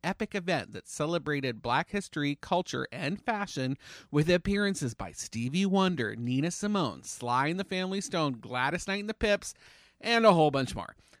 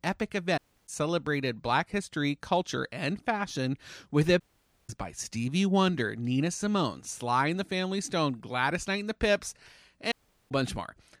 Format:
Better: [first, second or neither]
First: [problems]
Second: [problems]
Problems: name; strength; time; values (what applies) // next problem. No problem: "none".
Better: first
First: none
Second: audio cutting out; at 0.5 s, at 4.5 s and at 10 s